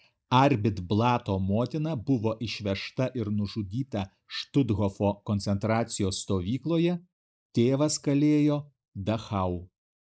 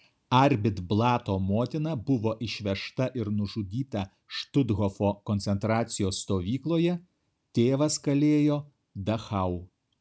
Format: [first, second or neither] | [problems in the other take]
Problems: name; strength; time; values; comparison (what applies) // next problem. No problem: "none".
second | noise reduction (neural mask model Resemble Enhance denoiser)